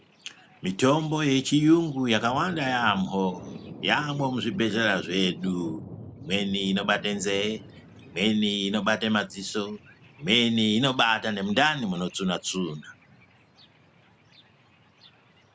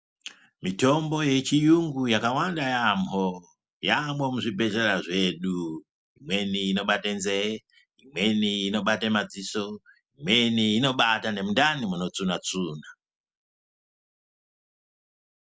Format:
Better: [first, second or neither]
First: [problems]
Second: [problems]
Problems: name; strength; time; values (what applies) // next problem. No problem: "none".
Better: second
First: background sound (Thunder); 18 dB below the speech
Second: none